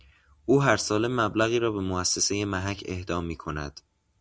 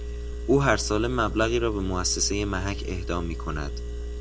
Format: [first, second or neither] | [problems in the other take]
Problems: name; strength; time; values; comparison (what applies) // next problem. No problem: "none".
first | background sound (Engine); 5 dB below the speech